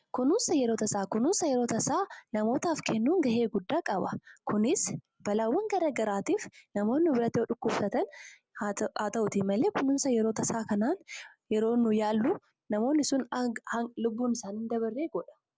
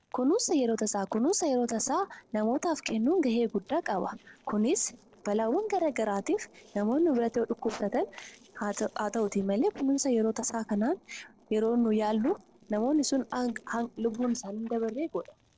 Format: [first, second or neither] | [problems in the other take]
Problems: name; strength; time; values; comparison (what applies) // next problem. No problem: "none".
first | noise reduction (neural separator model SepFormer DNS4)